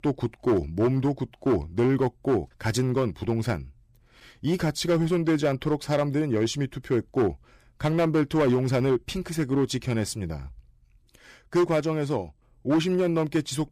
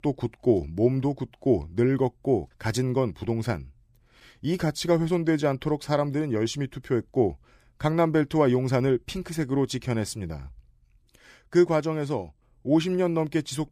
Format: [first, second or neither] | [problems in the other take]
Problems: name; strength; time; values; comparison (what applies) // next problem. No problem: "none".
second | distortion; slight; 6% of the sound clipped